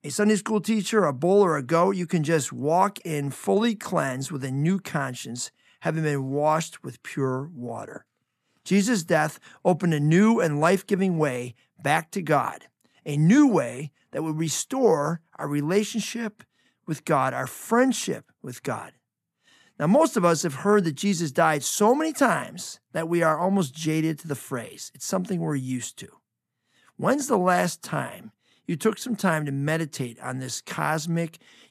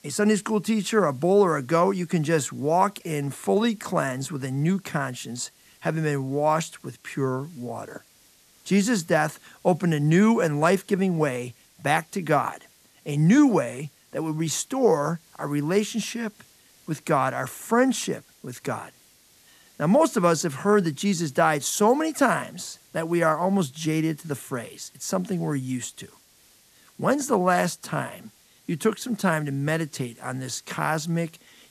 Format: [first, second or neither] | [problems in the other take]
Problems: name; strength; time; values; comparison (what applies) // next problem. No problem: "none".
first | hiss; faint; throughout; 30 dB below the speech